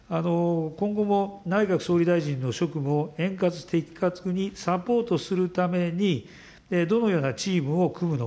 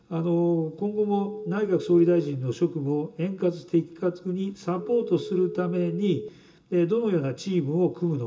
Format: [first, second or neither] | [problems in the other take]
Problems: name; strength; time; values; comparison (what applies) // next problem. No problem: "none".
first | background sound (Telephone); 15 dB below the speech // room echo; dies away in 0.2 s